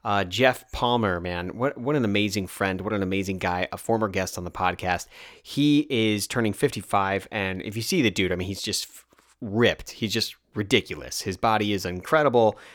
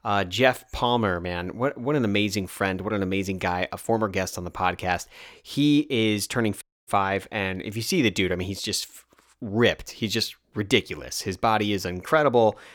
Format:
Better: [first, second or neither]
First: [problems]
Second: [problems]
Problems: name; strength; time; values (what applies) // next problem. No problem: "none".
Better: first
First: none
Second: audio cutting out; at 6.5 s